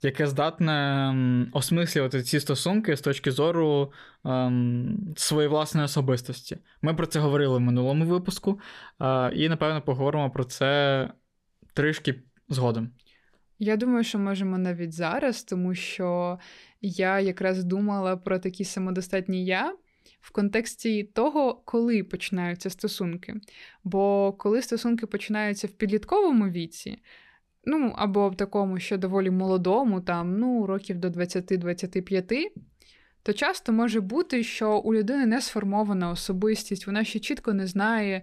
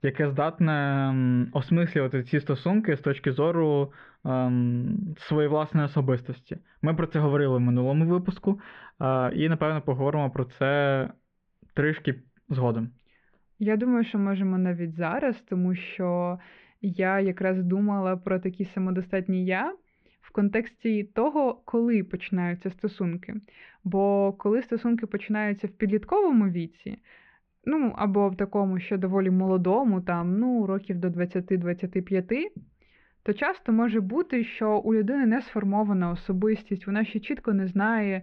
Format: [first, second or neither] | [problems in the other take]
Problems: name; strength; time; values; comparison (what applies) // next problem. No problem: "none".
first | muffled; very; fading above 2.5 kHz